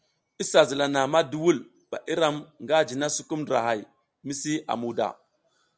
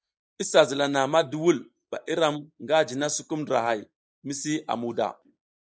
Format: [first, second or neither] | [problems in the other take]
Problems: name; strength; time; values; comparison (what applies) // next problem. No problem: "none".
first | noise reduction (neural mask model Resemble Enhance denoiser)